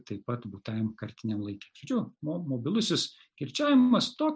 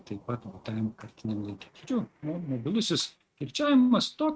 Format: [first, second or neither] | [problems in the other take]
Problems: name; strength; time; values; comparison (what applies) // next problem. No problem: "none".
first | noise reduction (neural mask model RNNoise)